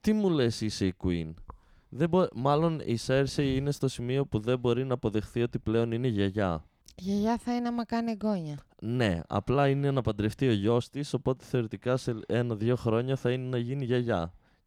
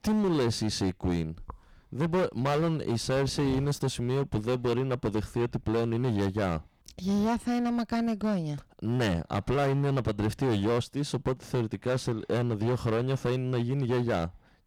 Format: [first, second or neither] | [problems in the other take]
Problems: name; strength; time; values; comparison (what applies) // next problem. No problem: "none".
first | distortion; heavy; 15% of the sound clipped